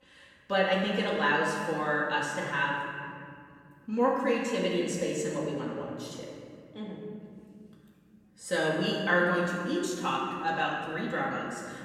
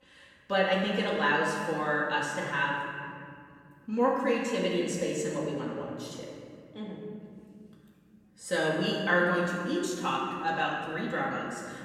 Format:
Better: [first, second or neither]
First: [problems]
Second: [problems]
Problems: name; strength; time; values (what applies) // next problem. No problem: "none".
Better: neither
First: room echo; noticeable; dies away in 2.1 s // off-mic speech; far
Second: room echo; noticeable; dies away in 2.1 s // off-mic speech; far